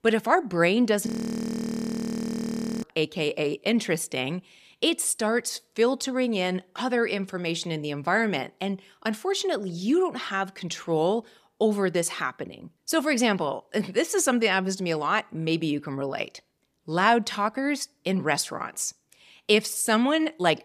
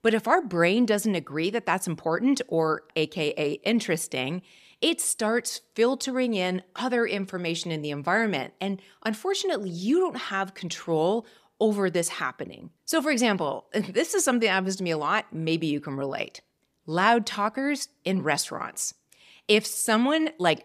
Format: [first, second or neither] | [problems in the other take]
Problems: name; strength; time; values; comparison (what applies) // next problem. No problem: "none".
second | audio freezing; at 1 s for 2 s